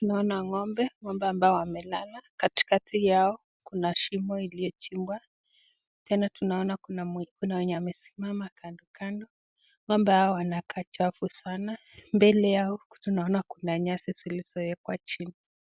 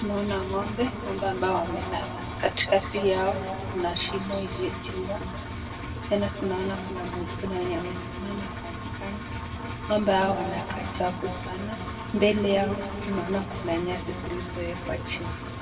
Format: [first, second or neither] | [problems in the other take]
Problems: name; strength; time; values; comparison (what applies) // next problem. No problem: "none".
first | background sound (Engine); 6 dB below the speech // room echo; dies away in 2.4 s